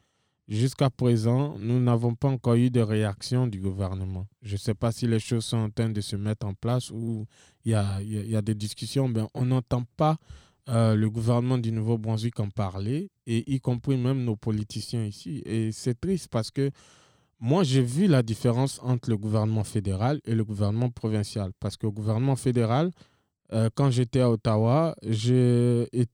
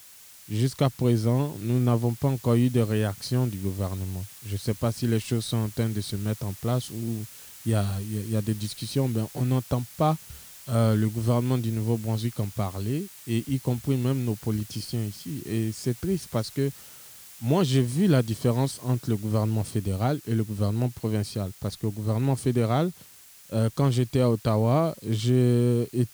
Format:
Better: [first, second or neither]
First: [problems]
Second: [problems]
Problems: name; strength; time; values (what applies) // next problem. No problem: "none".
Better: first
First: none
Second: hiss; noticeable; throughout; 20 dB below the speech